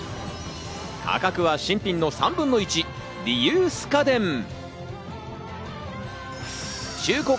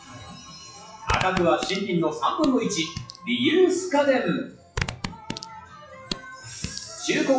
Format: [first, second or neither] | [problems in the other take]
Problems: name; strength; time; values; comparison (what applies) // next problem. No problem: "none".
first | noise reduction (classical method WPE with log-MMSE)